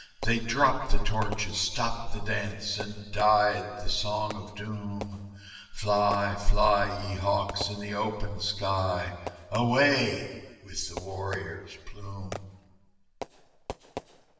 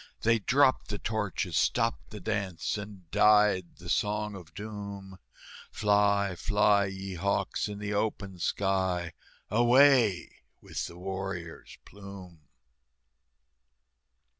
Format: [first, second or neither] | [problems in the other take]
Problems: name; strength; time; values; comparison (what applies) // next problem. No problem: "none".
second | background sound (Fireworks); 18 dB below the speech // room echo; dies away in 1.4 s